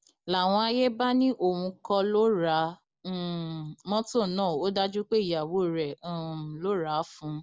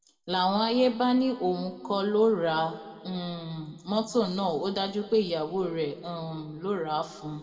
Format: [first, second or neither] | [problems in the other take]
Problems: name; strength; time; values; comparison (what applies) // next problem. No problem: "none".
first | room echo; dies away in 1.8 s